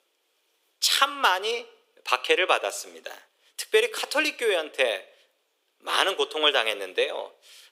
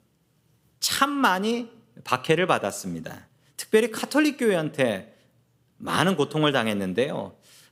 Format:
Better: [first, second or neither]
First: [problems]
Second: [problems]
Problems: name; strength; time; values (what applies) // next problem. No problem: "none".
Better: second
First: thin; very; fading below 400 Hz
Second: none